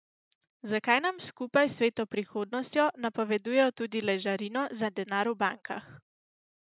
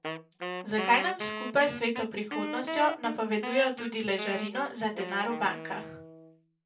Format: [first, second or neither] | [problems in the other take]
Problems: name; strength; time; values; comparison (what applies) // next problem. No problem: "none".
first | background sound (Wind instrument, woodwind instrument); 7 dB below the speech // room echo; dies away in 0.2 s